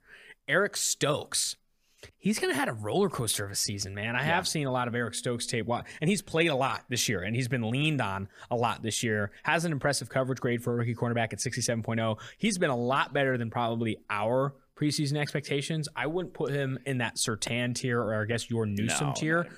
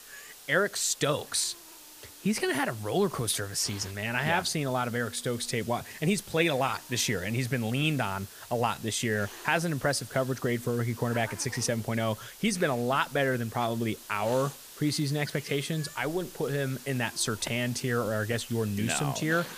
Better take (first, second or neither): first